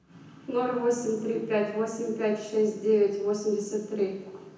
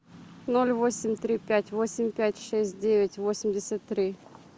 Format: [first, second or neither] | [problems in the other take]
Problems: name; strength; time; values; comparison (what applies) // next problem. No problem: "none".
second | room echo; dies away in 0.9 s